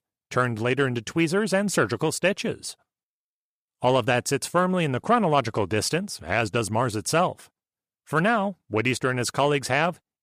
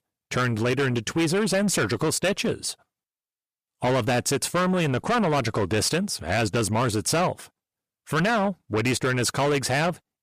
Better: first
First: none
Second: distortion; heavy; 6 dB below the speech

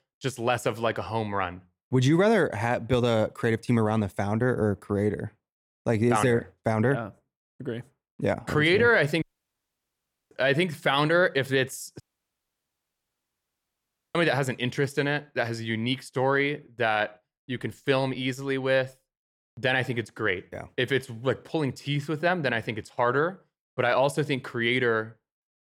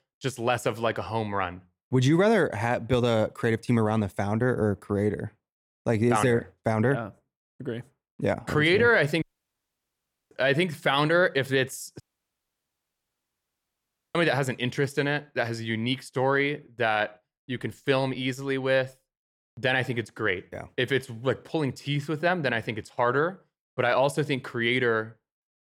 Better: neither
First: audio cutting out; at 9 s for 1 s and at 12 s for 2 s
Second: audio cutting out; at 9 s for 1 s and at 12 s for 2 s

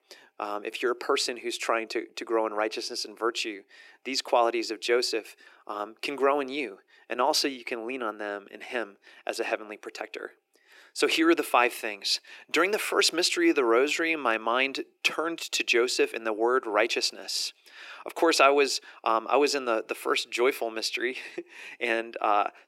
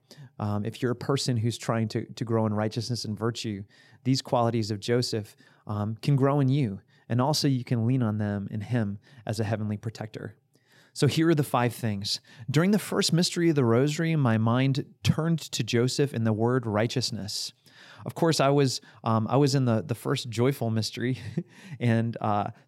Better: second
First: thin; very; fading below 350 Hz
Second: none

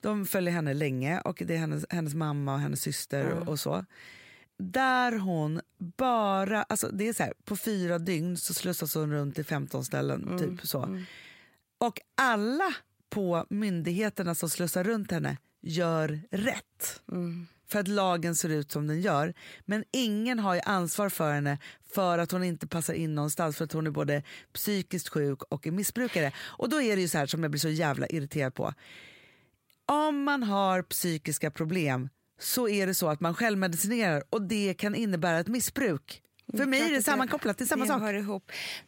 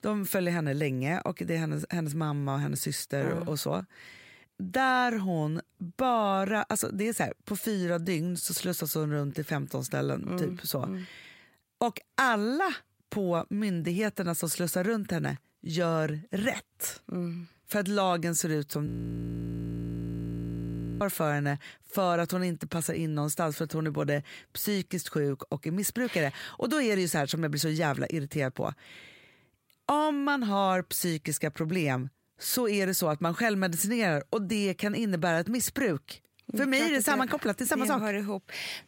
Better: first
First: none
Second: audio freezing; at 19 s for 2 s

